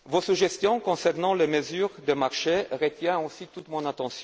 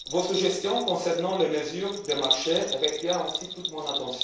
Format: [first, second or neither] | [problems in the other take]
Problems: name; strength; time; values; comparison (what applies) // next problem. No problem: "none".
first | background sound (Bell); 5 dB below the speech // room echo; dies away in 0.7 s